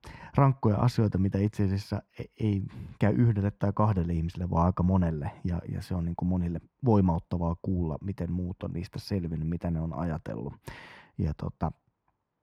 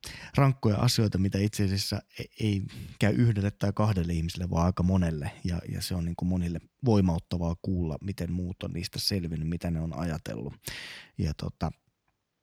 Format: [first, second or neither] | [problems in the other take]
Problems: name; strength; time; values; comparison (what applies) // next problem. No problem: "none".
second | muffled; very; fading above 2.5 kHz